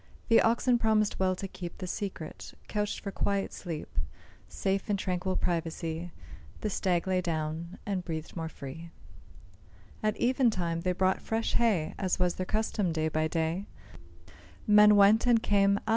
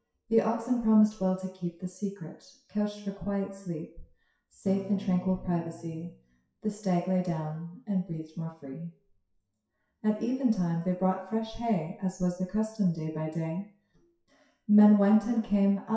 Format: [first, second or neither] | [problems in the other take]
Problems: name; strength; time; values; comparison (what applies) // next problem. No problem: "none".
first | noise reduction (classical method WPE with log-MMSE)